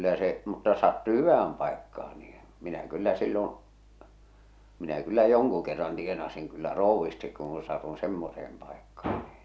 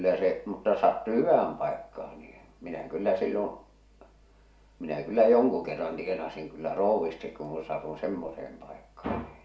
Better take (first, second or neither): first